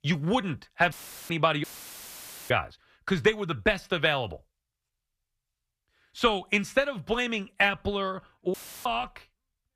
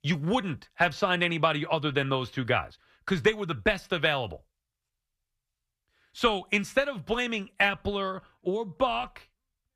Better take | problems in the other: second | audio cutting out; filled with static; at 1 s, at 1.5 s for 1 s and at 8.5 s

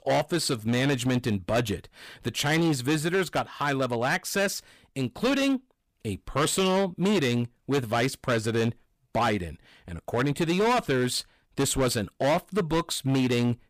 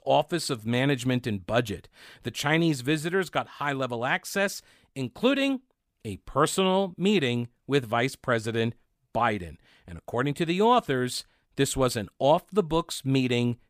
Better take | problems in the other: second | distortion; heavy; 12% of the sound clipped

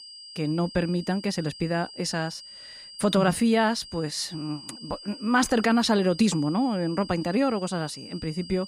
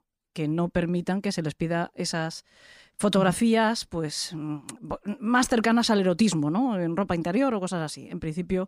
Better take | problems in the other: second | high-pitched whine; noticeable; throughout; 5 kHz, 15 dB below the speech

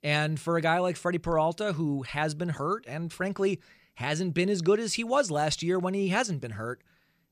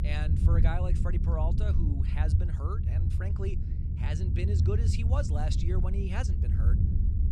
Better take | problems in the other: first | low rumble; loud; throughout; 3 dB below the speech

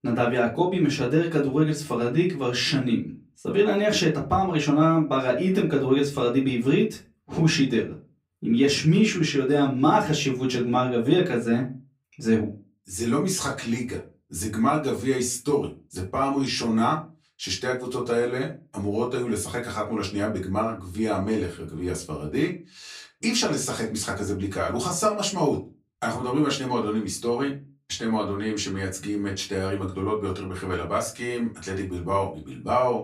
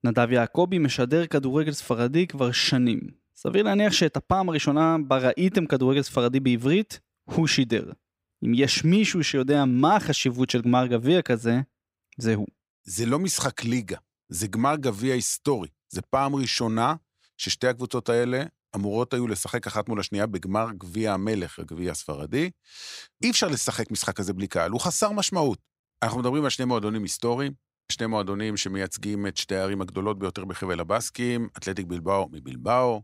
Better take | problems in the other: second | off-mic speech; far // room echo; very slight; dies away in 0.2 s

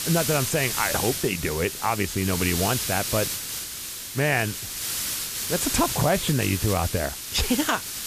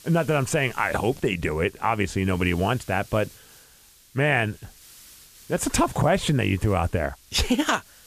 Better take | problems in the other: second | hiss; loud; throughout; 2 dB below the speech; faint in the second

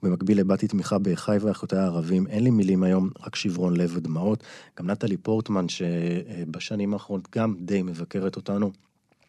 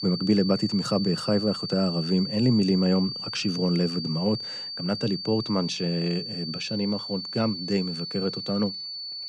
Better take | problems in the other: first | high-pitched whine; loud; throughout; 4.5 kHz, 6 dB below the speech

